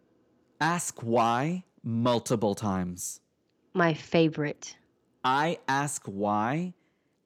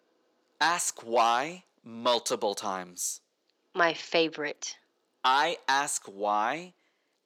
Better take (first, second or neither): first